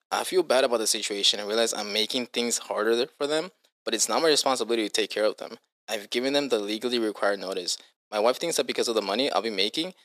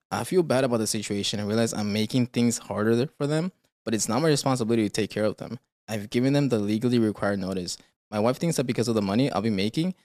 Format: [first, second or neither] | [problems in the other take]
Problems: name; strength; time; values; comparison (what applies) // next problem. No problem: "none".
second | thin; somewhat; fading below 400 Hz